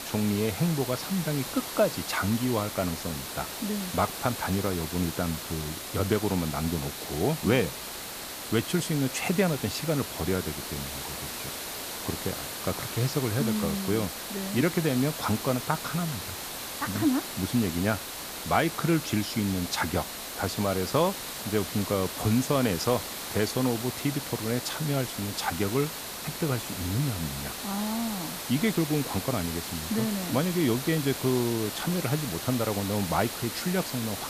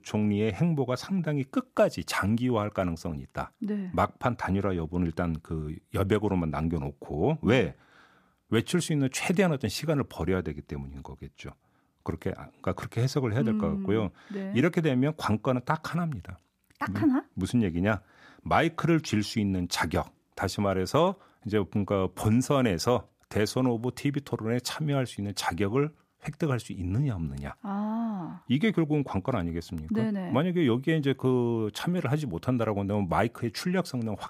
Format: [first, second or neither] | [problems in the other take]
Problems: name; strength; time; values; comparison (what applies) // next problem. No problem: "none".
second | hiss; loud; throughout; 5 dB below the speech